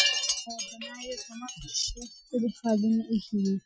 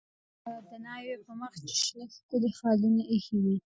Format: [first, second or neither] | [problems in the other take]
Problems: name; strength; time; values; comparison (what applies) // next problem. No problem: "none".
second | noise reduction (classical method Wiener filter)